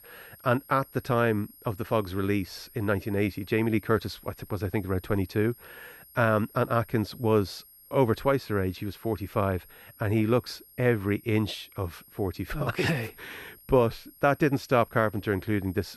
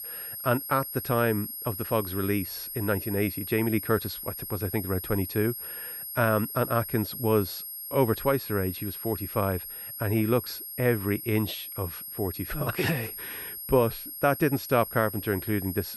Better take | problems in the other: first | high-pitched whine; loud; throughout; 11.5 kHz, 7 dB below the speech; faint in the first

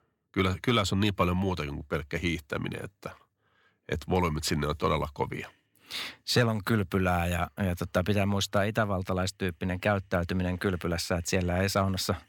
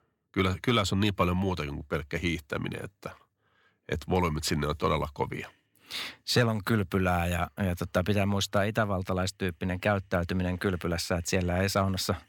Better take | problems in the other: neither | none

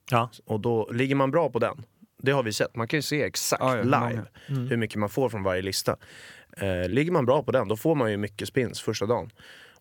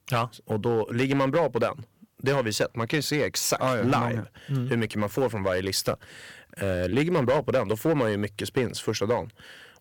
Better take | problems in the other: first | distortion; slight; 4% of the sound clipped

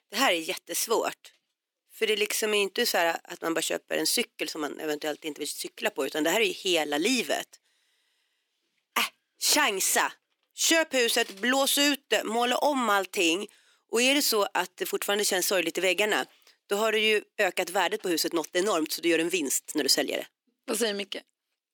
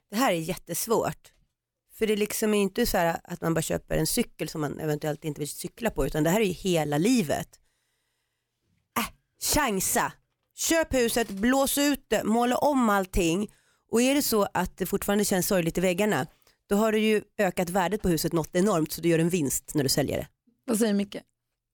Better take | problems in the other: second | thin; somewhat; fading below 300 Hz

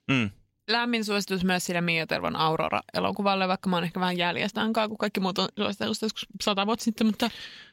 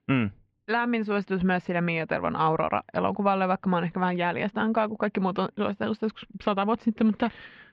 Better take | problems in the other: first | muffled; very; fading above 2 kHz

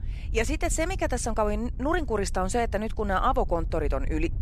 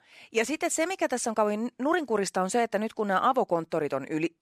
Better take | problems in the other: second | wind noise on the microphone; occasional gusts; 25 dB below the speech

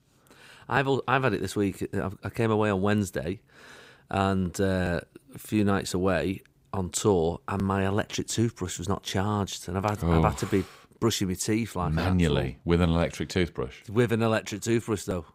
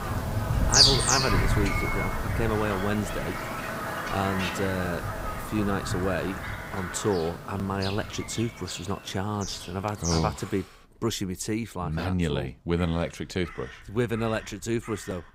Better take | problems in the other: first | animal sounds; very loud; throughout; 2 dB above the speech

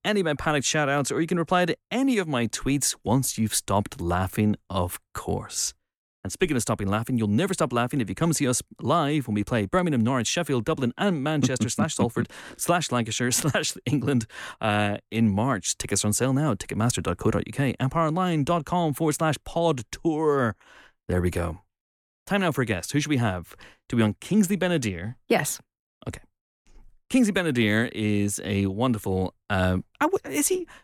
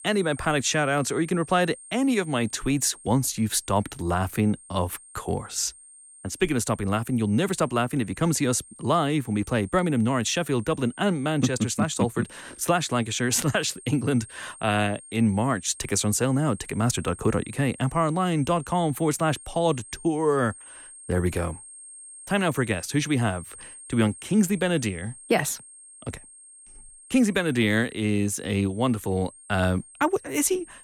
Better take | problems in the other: first | high-pitched whine; noticeable; throughout; 8.5 kHz, 20 dB below the speech

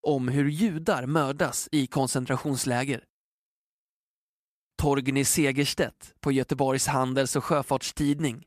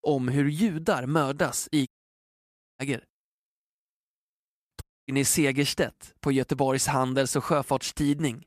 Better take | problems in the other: first | audio cutting out; at 2 s for 1 s and at 5 s

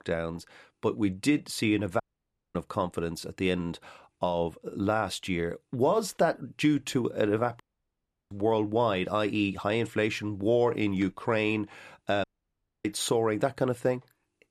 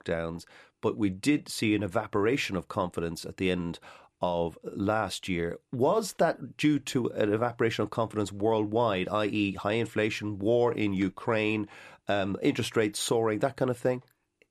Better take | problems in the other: second | audio cutting out; at 2 s for 0.5 s, at 7.5 s for 0.5 s and at 12 s for 0.5 s

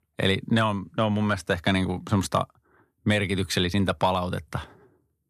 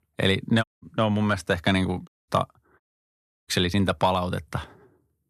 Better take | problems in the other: first | audio cutting out; at 0.5 s, at 2 s and at 3 s for 0.5 s

